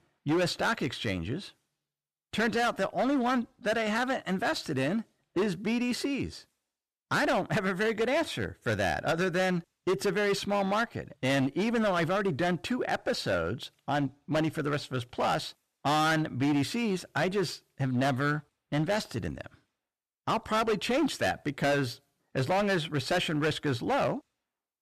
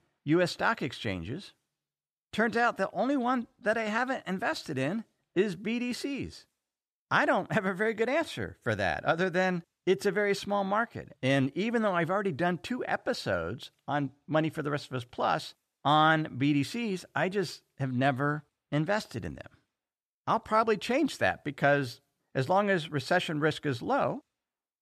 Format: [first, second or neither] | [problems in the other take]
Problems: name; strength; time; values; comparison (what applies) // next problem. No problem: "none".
second | distortion; heavy; 11% of the sound clipped